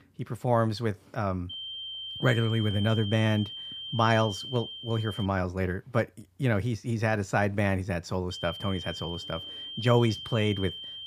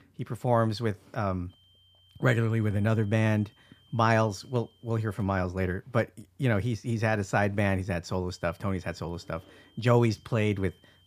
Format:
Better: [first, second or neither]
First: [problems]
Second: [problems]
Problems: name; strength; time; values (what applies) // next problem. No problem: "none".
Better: second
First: high-pitched whine; loud; from 1.5 to 5.5 s and from 8.5 s on; 3 kHz, 8 dB below the speech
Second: high-pitched whine; faint; from 1.5 to 5.5 s and from 8.5 s on; 3 kHz, 35 dB below the speech